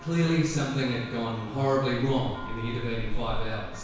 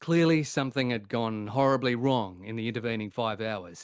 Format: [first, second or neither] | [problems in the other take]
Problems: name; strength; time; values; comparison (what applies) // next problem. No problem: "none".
second | background sound (Church bell); 6 dB below the speech // room echo; dies away in 1.1 s